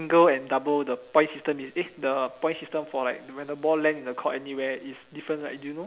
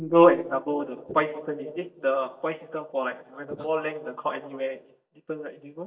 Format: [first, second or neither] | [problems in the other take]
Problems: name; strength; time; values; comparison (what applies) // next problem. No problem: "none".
first | noise reduction (neural mask model DeepFilterNet 3)